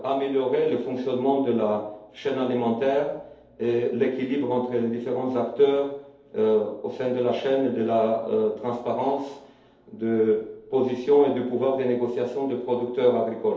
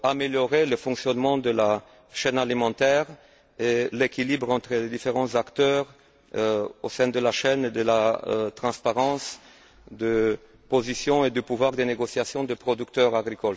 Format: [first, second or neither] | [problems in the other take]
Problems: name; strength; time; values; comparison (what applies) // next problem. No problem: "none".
second | room echo; dies away in 2.2 s